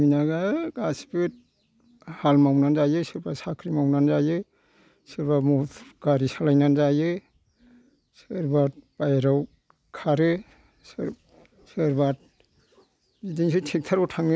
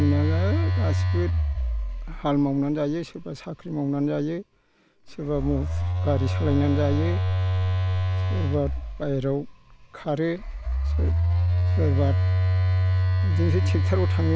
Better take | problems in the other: first | background sound (Telephone); 4 dB above the speech

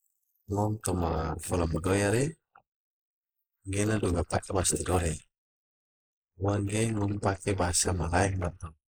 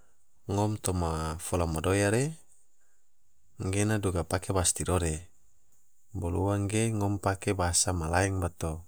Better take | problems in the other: second | noise reduction (neural mask model Resemble Enhance denoiser)

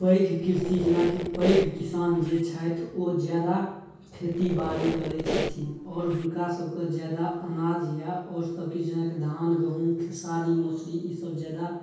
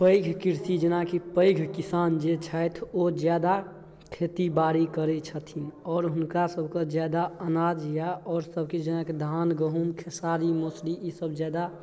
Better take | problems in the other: second | background sound (Squeak); 6 dB below the speech // room echo; dies away in 0.6 s

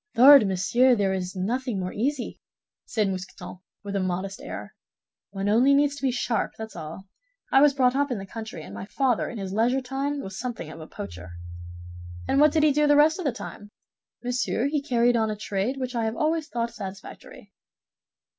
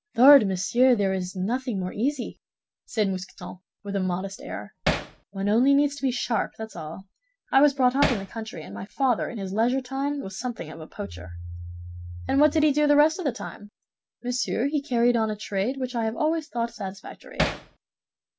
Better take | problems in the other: first | background sound (Hammer); 3 dB below the speech

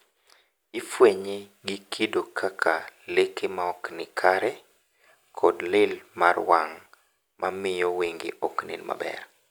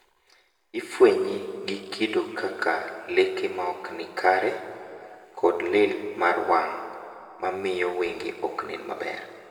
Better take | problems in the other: first | room echo; dies away in 2.2 s

